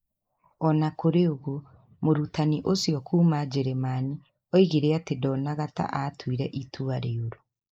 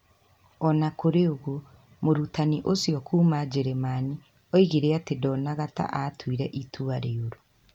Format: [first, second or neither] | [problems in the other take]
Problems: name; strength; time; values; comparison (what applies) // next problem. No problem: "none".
second | noise reduction (neural mask model Resemble Enhance denoiser)